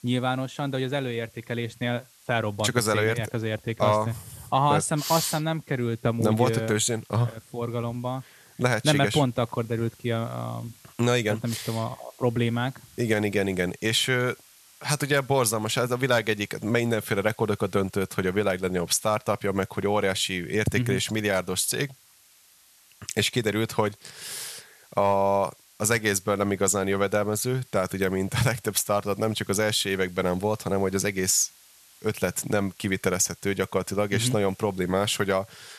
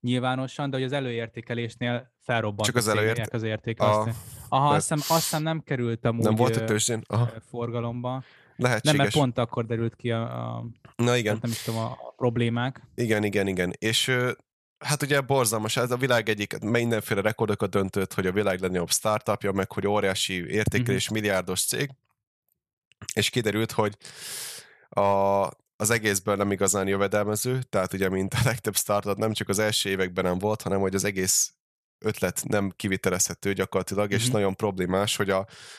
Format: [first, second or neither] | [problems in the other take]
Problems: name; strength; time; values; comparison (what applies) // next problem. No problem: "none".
second | hiss; faint; throughout; 25 dB below the speech